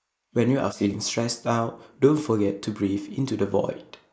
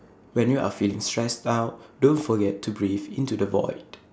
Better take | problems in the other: second | noise reduction (neural mask model Resemble Enhance denoiser)

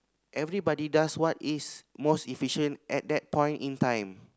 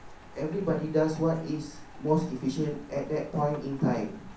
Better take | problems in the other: first | background sound (Rain); 17 dB below the speech // room echo; dies away in 0.6 s

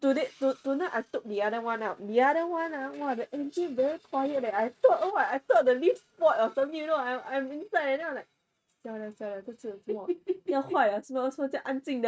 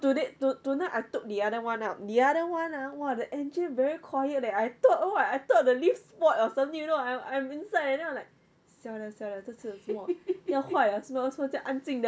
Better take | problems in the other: second | noise reduction (neural mask model RNNoise)

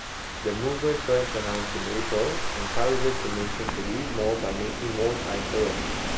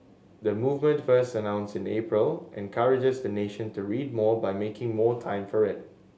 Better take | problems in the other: second | background sound (Rain / Thunderstorm); 1 dB below the speech

